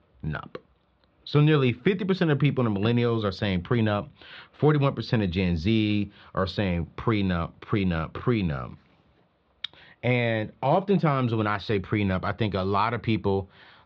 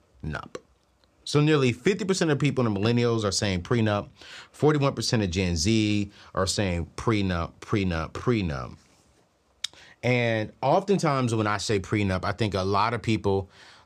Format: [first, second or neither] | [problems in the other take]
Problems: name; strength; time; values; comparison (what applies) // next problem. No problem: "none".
second | muffled; slightly; fading above 4 kHz